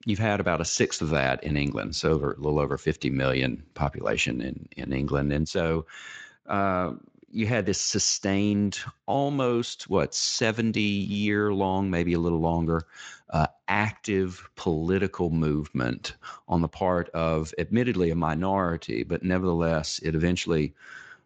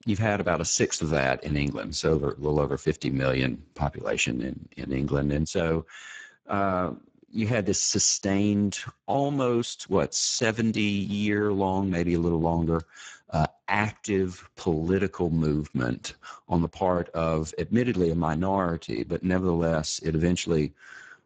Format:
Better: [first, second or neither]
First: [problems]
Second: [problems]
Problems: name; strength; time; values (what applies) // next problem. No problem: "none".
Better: first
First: garbled, watery; slightly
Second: garbled, watery; badly; nothing above 7.5 kHz